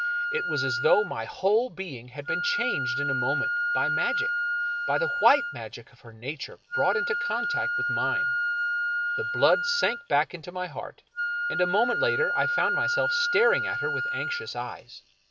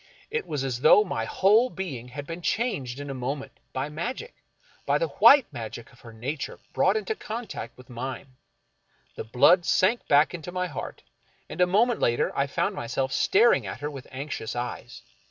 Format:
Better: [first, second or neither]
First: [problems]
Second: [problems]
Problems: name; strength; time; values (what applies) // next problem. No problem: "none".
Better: second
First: background sound (Wind instrument, woodwind instrument); as loud as the speech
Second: none